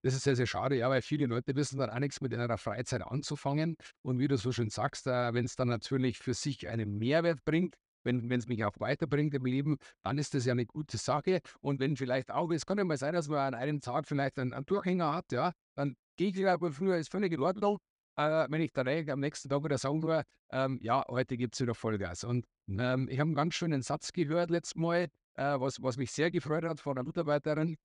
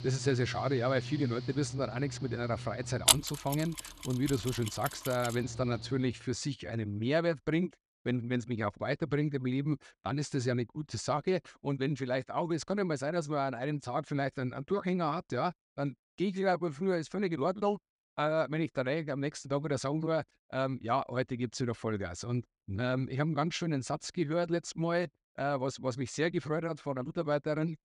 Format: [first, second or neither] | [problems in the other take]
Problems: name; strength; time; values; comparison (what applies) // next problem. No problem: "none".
first | machinery noise; loud; until 6 s; 2 dB below the speech